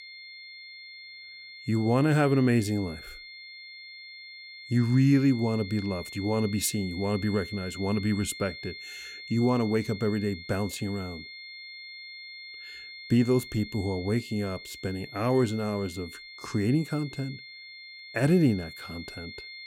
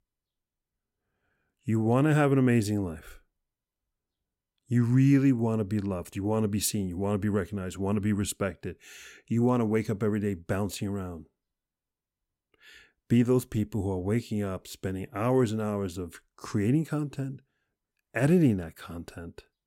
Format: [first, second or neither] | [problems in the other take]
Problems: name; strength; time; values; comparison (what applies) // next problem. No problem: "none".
second | high-pitched whine; noticeable; throughout; 2 kHz, 15 dB below the speech